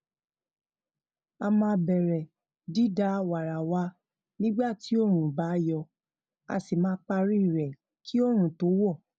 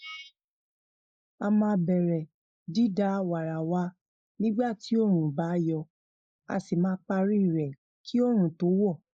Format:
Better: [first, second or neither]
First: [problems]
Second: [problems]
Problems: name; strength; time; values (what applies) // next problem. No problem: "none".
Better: first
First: none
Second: noise reduction (neural mask model Resemble Enhance denoiser)